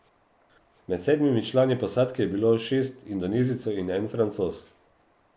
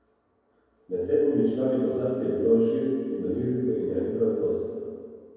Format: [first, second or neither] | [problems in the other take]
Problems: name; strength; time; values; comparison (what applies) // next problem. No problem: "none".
first | room echo; dies away in 2.2 s